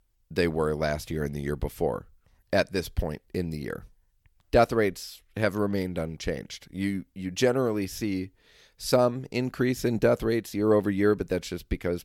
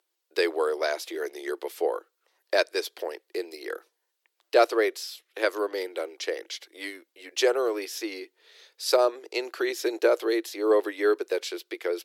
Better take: first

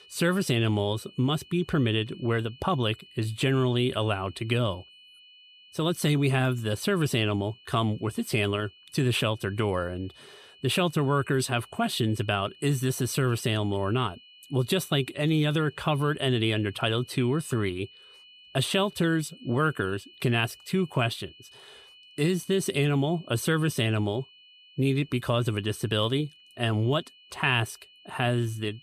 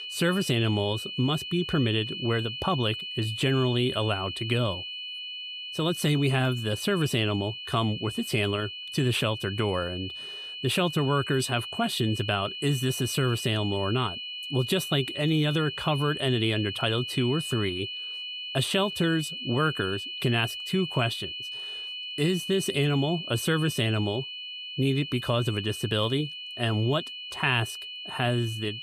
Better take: first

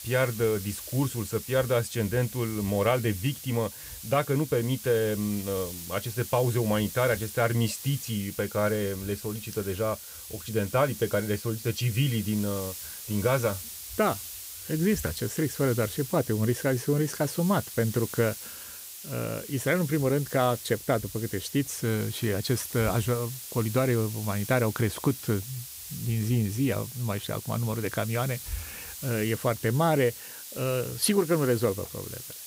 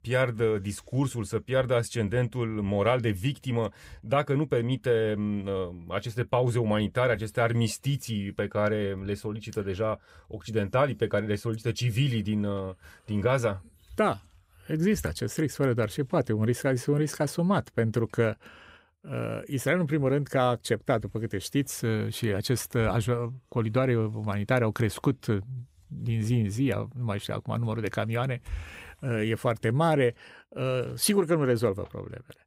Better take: second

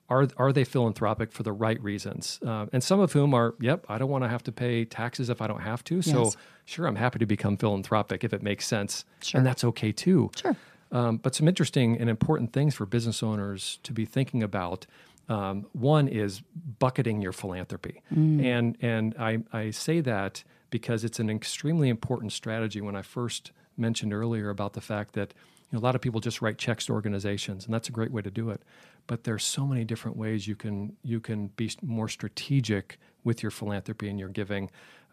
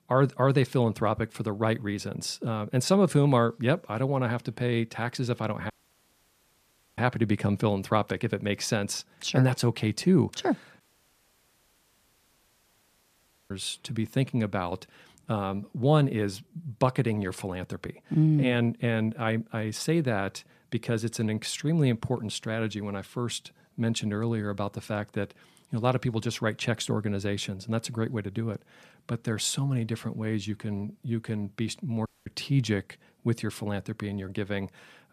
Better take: first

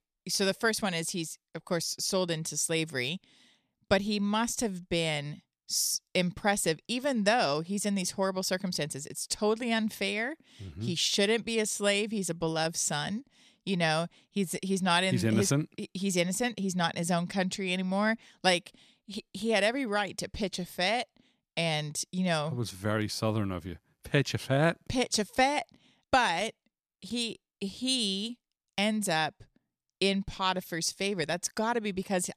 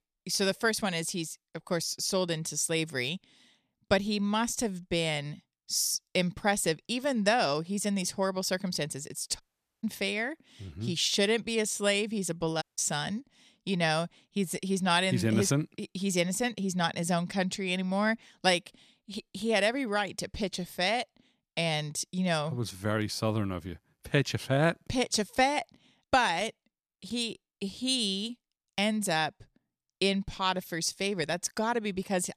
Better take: first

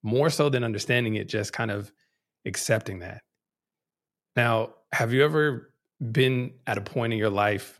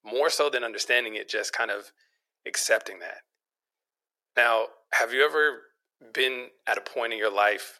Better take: first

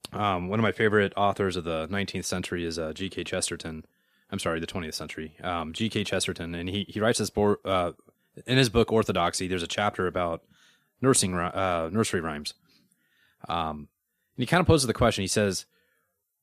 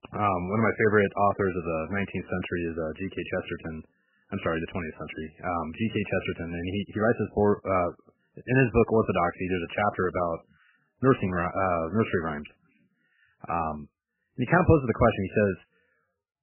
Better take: first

